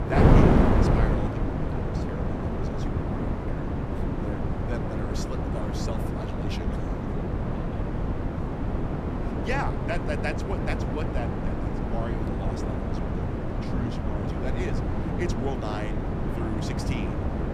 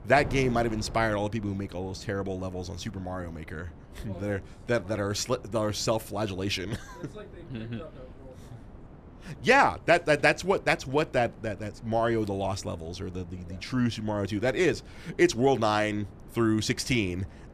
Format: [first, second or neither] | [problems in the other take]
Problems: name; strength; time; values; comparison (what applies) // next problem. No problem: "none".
second | wind noise on the microphone; heavy; 4 dB above the speech; occasional gusts in the second